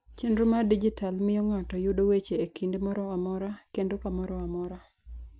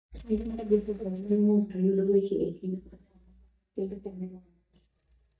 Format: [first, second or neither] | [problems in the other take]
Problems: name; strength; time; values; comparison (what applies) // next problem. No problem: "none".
first | noise reduction (neural mask model DeepFilterNet 3)